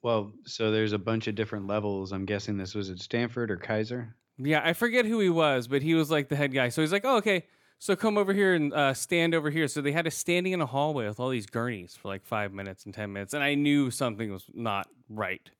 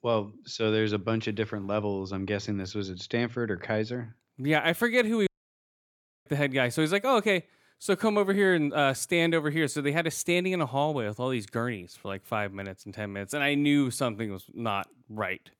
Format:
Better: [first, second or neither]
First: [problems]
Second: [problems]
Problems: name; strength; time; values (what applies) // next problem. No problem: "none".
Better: first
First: none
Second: audio cutting out; at 5.5 s for 1 s